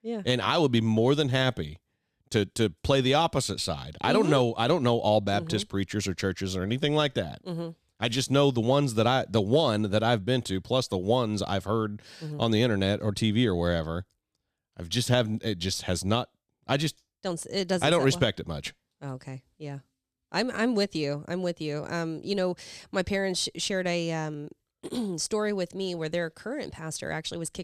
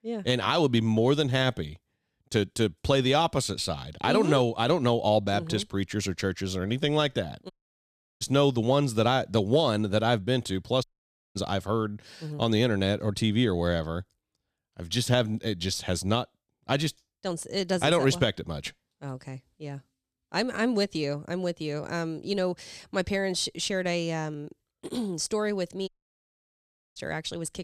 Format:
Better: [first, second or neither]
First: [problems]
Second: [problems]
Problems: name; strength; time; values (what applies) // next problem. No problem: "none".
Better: first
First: none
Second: audio cutting out; at 7.5 s for 0.5 s, at 11 s for 0.5 s and at 26 s for 1 s